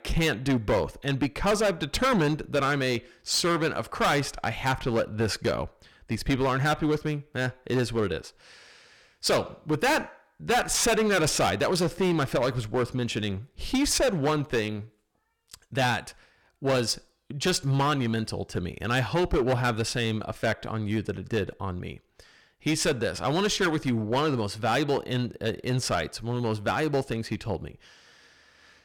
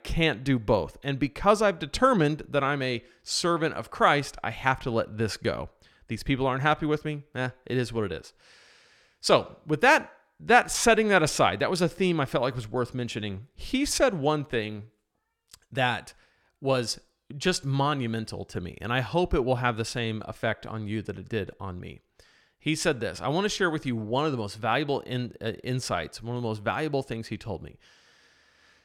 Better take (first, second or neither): second